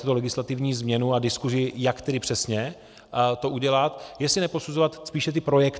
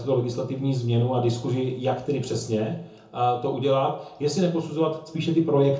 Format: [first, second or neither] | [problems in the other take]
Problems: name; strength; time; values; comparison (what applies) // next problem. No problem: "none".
first | room echo; dies away in 0.6 s